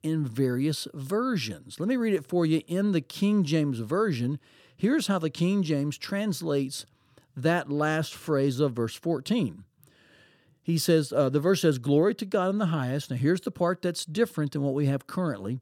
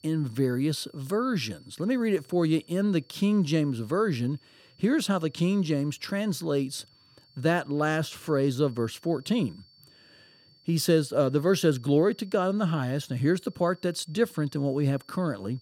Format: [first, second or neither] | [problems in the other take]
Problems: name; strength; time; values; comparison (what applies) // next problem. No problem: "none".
first | high-pitched whine; faint; throughout; 4.5 kHz, 30 dB below the speech